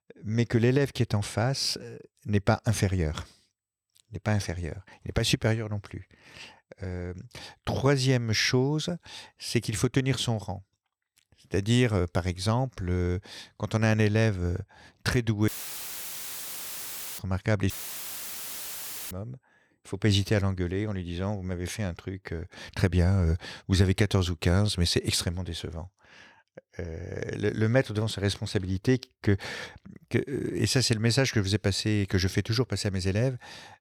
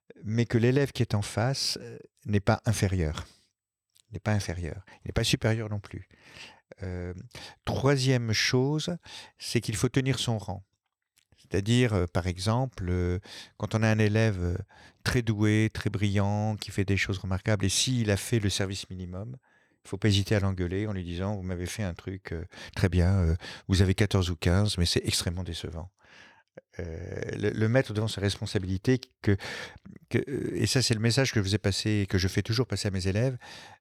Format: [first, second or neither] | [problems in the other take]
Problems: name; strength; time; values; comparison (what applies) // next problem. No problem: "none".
second | audio cutting out; filled with static; at 15 s for 1.5 s and at 18 s for 1.5 s